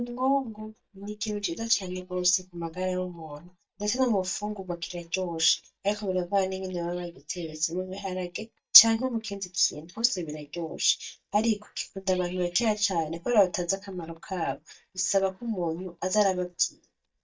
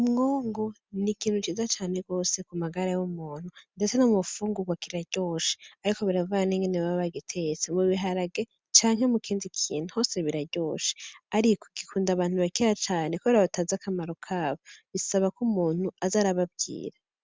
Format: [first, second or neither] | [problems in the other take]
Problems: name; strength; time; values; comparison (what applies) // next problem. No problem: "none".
second | noise reduction (neural mask model DeepFilterNet 3)